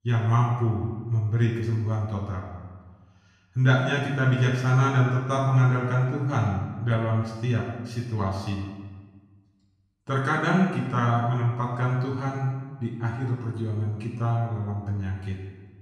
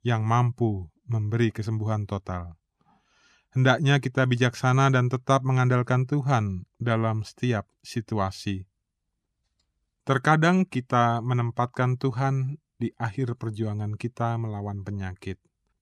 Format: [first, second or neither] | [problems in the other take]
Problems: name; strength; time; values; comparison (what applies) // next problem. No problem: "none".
second | off-mic speech; far // room echo; noticeable; dies away in 1.1 s